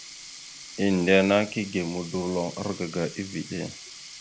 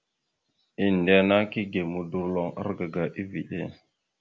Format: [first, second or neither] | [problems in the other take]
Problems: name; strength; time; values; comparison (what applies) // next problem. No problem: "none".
second | background sound (Sink (filling or washing)); 16 dB below the speech